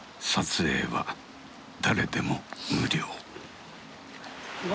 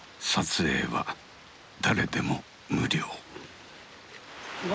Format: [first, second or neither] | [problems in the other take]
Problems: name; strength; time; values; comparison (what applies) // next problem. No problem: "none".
second | background sound (Chirp, tweet); 14 dB below the speech